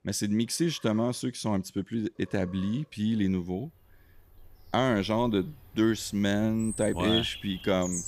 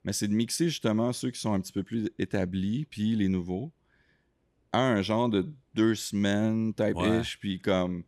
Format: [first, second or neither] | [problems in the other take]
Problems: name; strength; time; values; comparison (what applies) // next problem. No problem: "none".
second | animal sounds; loud; throughout; 7 dB below the speech